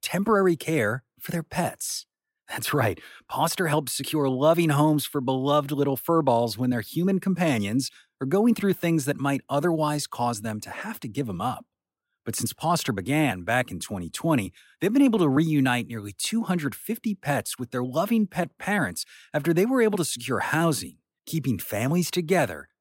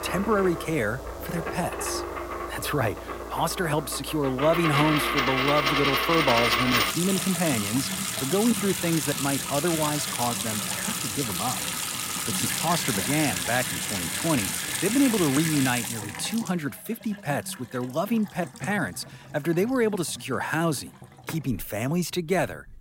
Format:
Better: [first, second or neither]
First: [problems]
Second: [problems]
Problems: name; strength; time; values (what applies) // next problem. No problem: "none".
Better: first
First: none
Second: household noises; loud; throughout; as loud as the speech